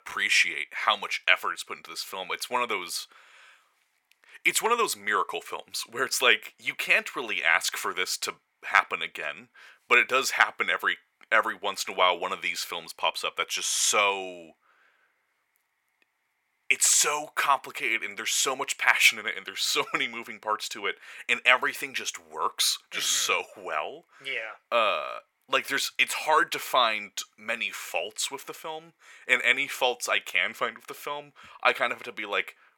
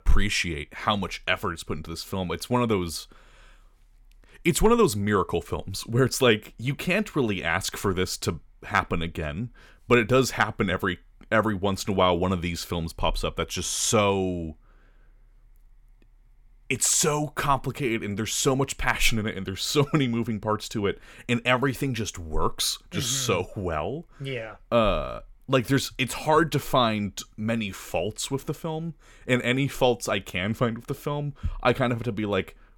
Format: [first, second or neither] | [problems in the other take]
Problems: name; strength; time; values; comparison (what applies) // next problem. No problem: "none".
second | thin; very; fading below 750 Hz